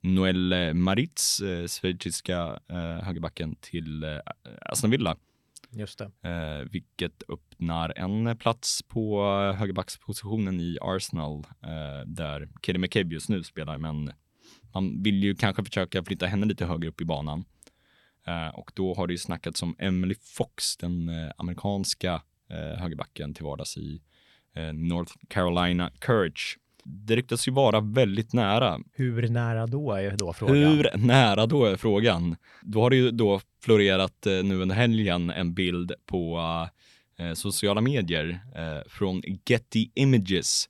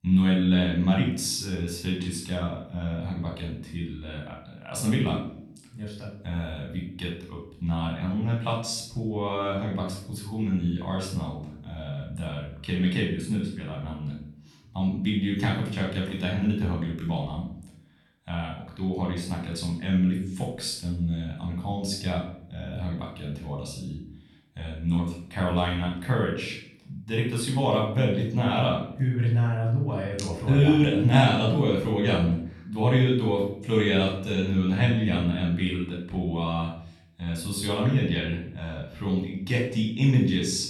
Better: first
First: none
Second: off-mic speech; far // room echo; noticeable; dies away in 0.6 s

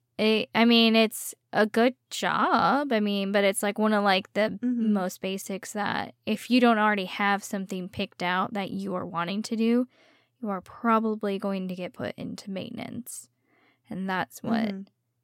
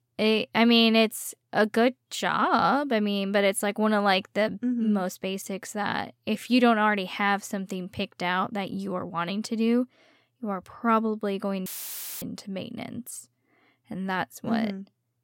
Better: first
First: none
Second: audio cutting out; filled with static; at 12 s for 0.5 s

